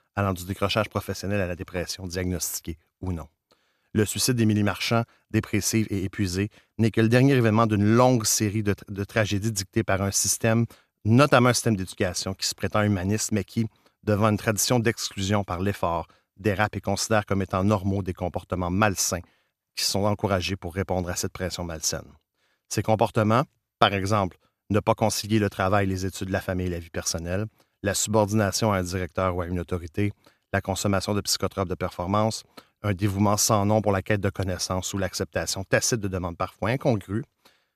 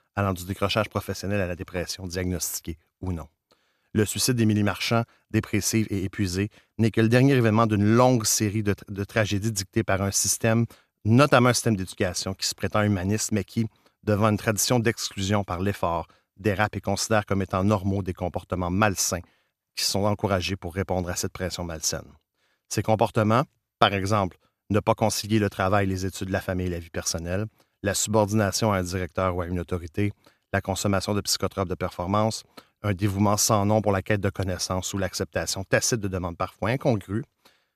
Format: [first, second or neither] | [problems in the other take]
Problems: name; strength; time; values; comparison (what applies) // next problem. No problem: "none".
neither | none